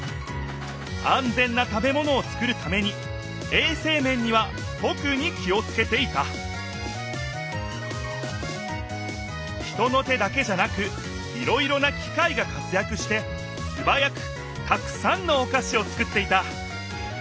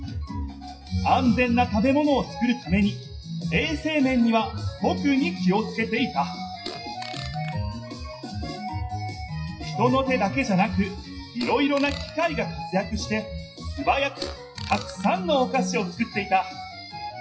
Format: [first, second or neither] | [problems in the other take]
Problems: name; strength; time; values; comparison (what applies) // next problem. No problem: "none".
first | noise reduction (classical method WPE with log-MMSE)